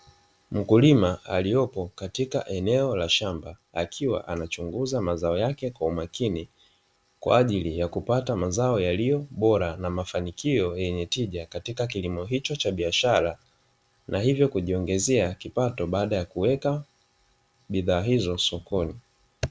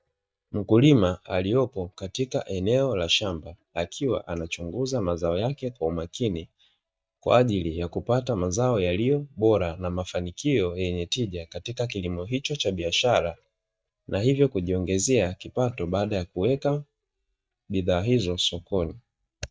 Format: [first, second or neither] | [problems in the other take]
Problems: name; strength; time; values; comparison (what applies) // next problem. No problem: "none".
first | noise reduction (neural mask model DeepFilterNet 3)